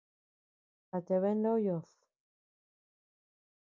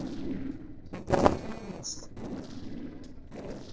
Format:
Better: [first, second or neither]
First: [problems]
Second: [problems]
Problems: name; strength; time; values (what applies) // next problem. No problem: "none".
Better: first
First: none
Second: noise reduction (neural separator model SepFormer DNS4)